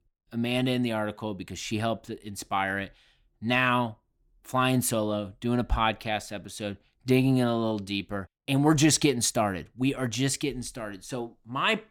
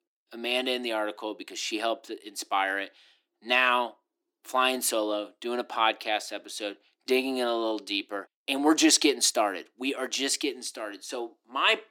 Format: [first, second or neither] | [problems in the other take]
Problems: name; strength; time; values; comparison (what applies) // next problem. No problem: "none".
first | thin; somewhat; fading below 300 Hz